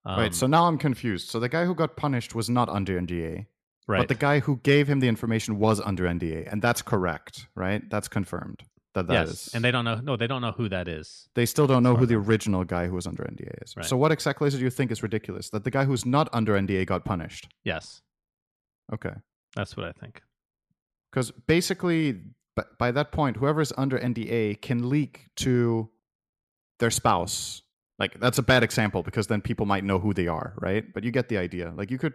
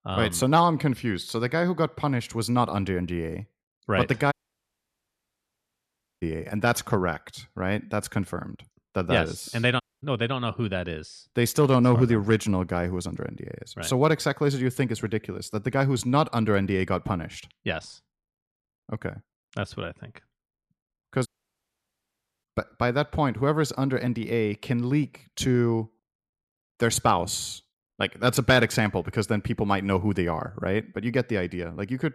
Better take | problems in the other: first | audio cutting out; at 4.5 s for 2 s, at 10 s and at 21 s for 1 s

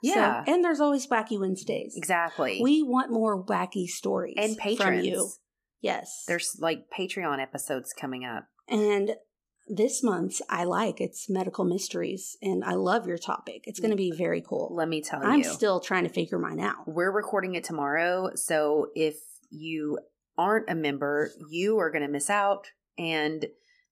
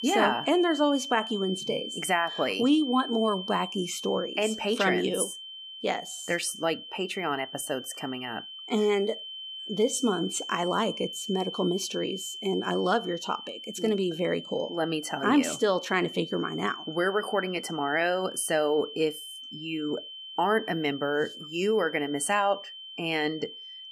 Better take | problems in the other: first | high-pitched whine; loud; throughout; 3 kHz, 10 dB below the speech

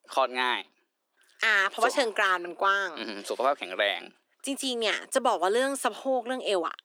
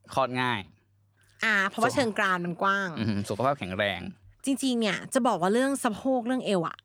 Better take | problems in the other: second | thin; somewhat; fading below 300 Hz

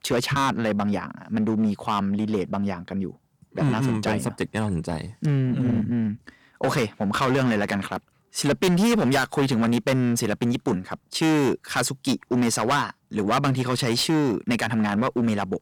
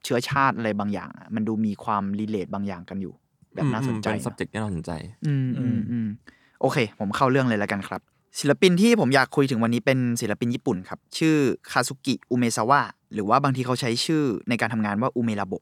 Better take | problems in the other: second | distortion; heavy; 12% of the sound clipped

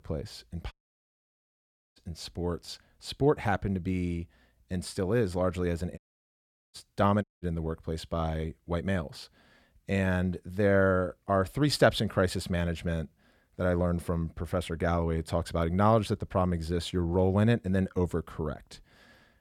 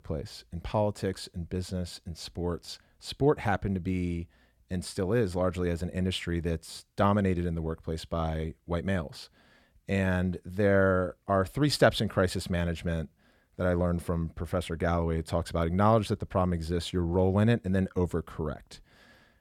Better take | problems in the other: second | audio cutting out; at 0.5 s for 1 s, at 6 s for 1 s and at 7 s

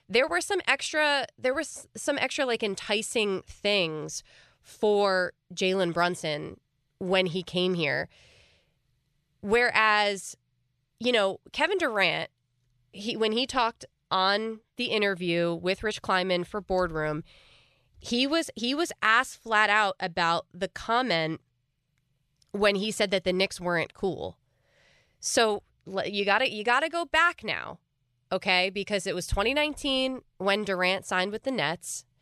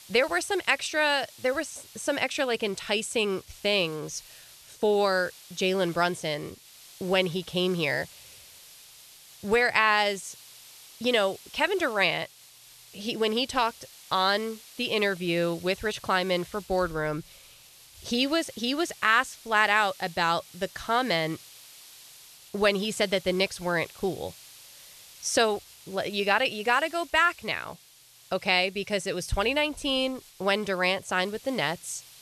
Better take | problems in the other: first | hiss; faint; throughout; 20 dB below the speech

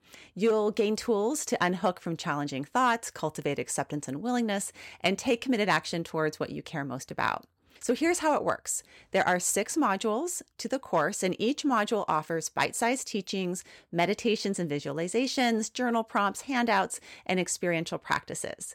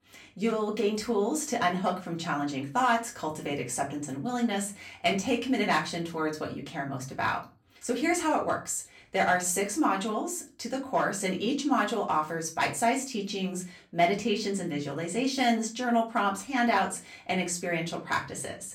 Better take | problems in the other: first | off-mic speech; far // room echo; very slight; dies away in 0.3 s

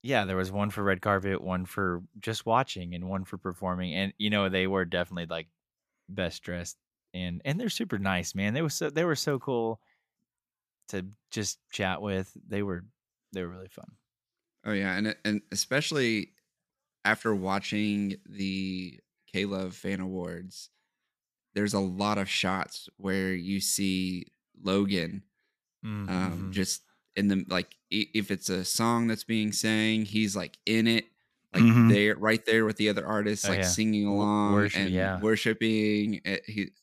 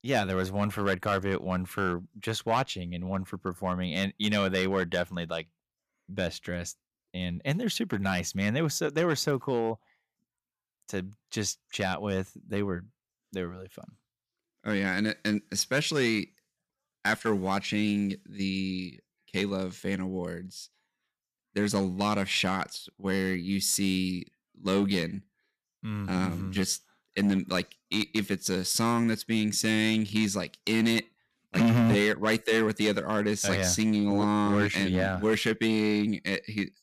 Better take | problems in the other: first | distortion; slight; 3% of the sound clipped

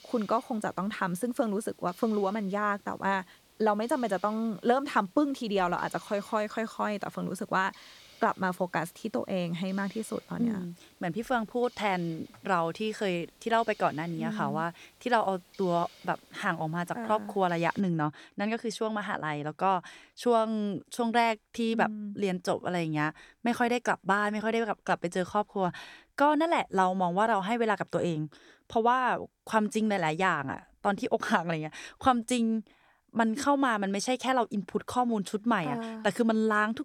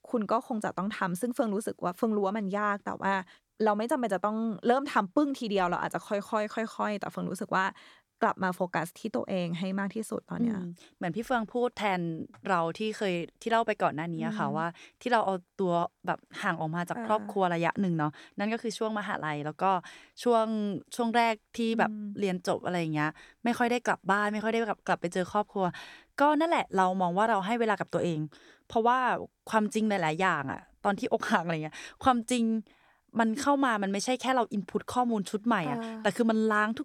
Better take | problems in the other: second | hiss; faint; until 18 s; 25 dB below the speech

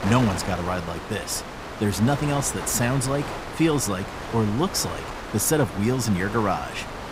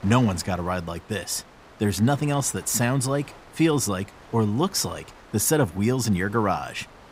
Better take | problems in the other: second | wind noise on the microphone; heavy; 6 dB below the speech; occasional gusts in the second

